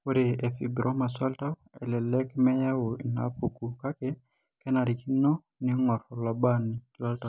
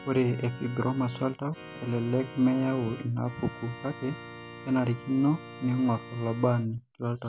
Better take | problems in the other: first | background sound (Organ); 15 dB below the speech

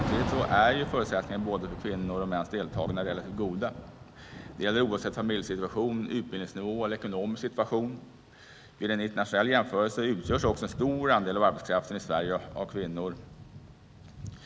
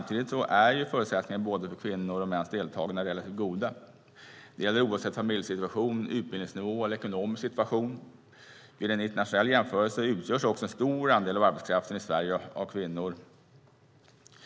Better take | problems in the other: second | background sound (Thunder / Rain); 10 dB below the speech

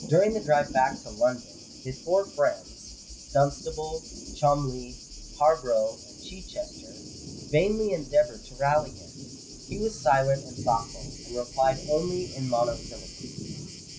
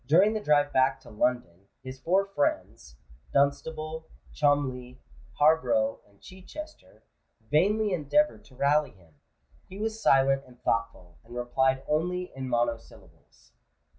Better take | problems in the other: second | background sound (Thunder); 13 dB below the speech

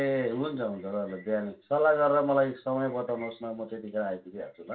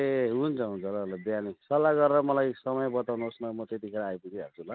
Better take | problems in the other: second | room echo; dies away in 0.2 s

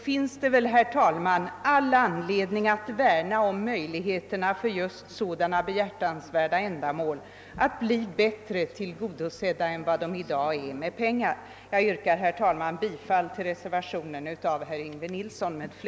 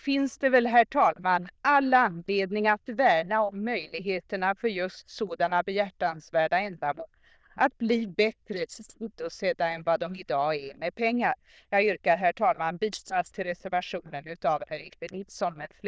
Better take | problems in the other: first | noise reduction (neural diffusion model UNIVERSE++)

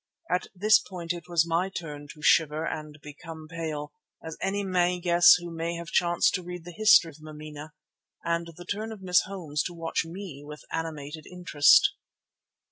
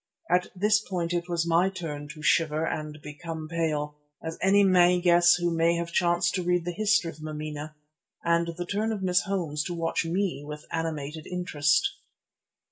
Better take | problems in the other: first | room echo; dies away in 0.2 s

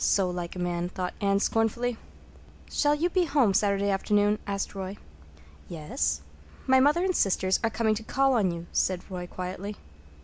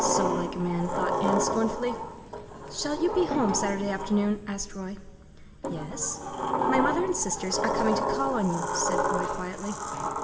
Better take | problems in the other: first | background sound (Sliding door); 1 dB below the speech // room echo; dies away in 1.5 s

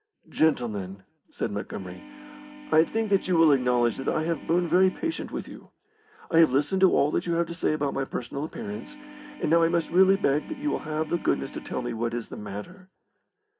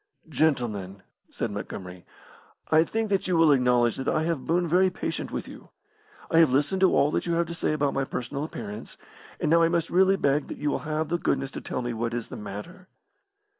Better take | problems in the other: second | background sound (Organ); 17 dB below the speech // room echo; dies away in 0.3 s

